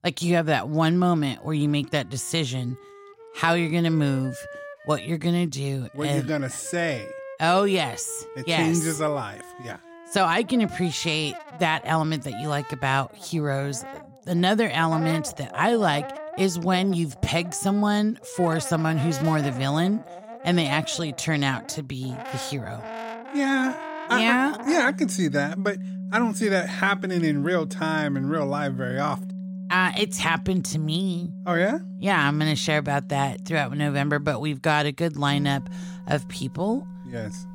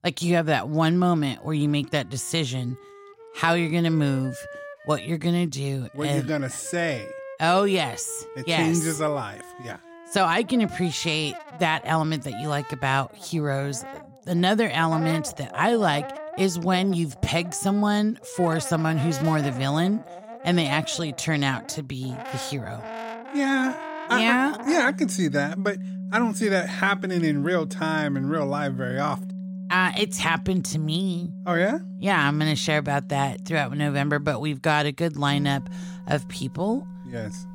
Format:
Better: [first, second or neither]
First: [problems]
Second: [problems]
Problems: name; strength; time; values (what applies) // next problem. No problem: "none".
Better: neither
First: background music; noticeable; throughout; 10 dB below the speech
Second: background music; noticeable; throughout; 10 dB below the speech